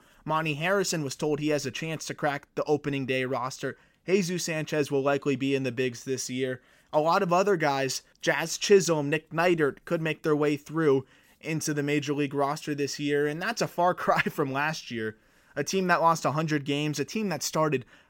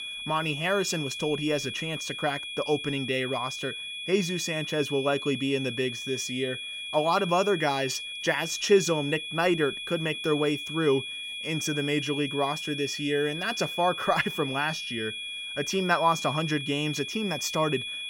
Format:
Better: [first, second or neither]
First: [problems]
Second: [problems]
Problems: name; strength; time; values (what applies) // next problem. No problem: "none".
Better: first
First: none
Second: high-pitched whine; loud; throughout; 3.5 kHz, 5 dB below the speech